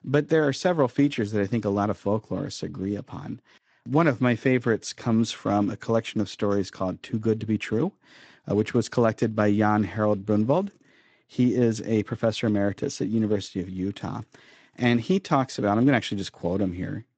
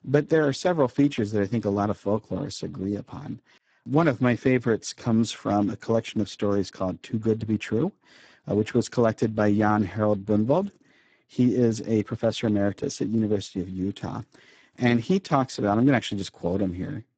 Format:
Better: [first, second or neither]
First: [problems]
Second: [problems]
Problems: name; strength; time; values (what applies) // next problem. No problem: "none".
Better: first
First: garbled, watery; slightly; nothing above 8 kHz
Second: garbled, watery; badly; nothing above 8 kHz